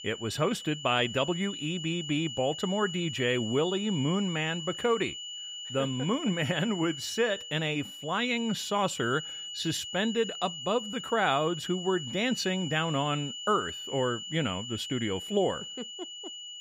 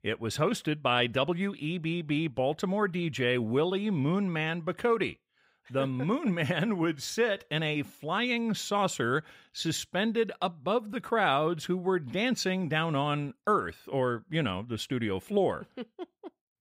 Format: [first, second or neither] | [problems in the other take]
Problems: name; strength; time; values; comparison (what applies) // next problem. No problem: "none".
second | high-pitched whine; loud; throughout; 3 kHz, 8 dB below the speech